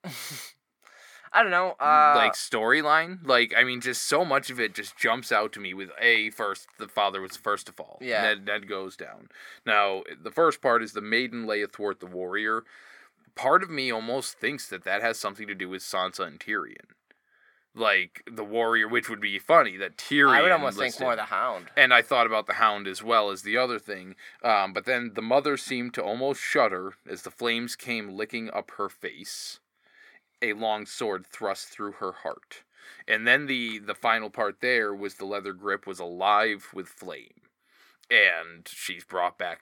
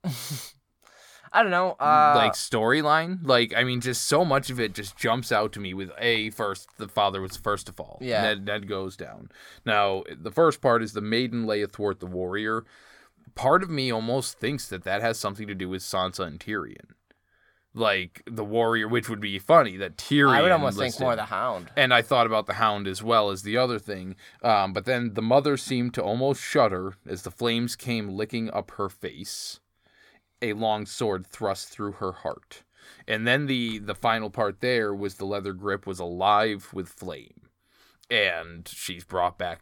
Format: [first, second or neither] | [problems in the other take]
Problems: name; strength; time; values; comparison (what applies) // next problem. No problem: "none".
second | thin; very slightly; fading below 250 Hz